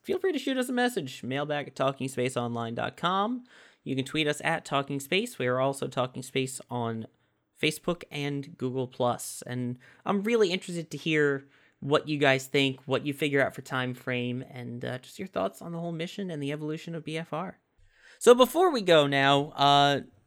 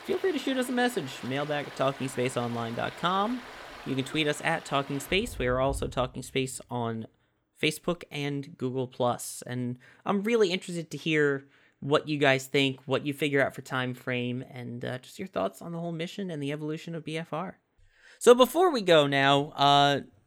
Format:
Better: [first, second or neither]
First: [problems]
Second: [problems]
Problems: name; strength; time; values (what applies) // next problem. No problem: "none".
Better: first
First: none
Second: rain or running water; noticeable; until 6 s; 15 dB below the speech